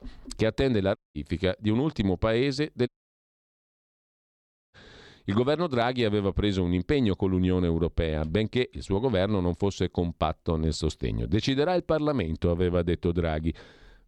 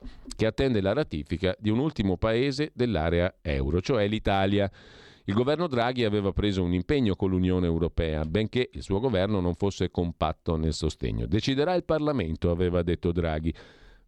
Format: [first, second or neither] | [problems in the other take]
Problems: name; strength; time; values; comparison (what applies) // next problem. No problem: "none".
second | audio cutting out; at 1 s and at 3 s for 2 s